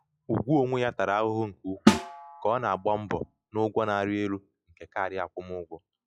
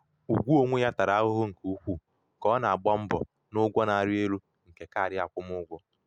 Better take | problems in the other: second | noise reduction (classical method log-MMSE)

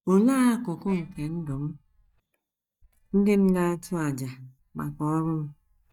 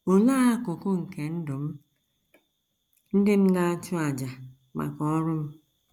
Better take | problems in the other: second | noise reduction (neural mask model DeepFilterNet 3)

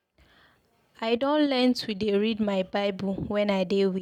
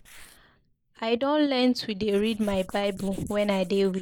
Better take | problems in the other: first | noise reduction (neural mask model Resemble Enhance denoiser)

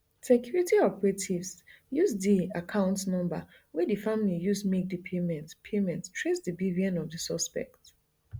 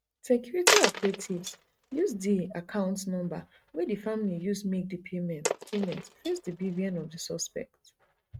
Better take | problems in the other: first | noise reduction (neural mask model RNNoise)

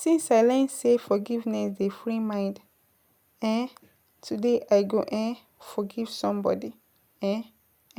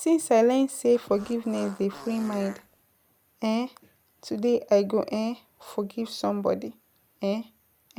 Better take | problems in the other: first | background sound (Fart); 18 dB below the speech

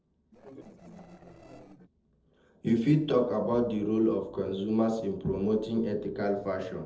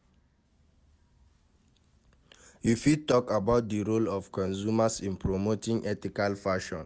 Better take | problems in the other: second | noise reduction (neural separator model SepFormer DNS4)

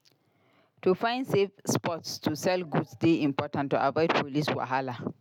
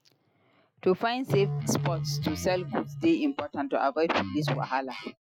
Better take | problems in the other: first | noise reduction (classical method Wiener filter)

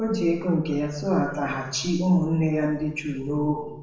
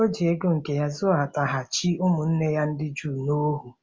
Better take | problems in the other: second | room echo; dies away in 0.7 s

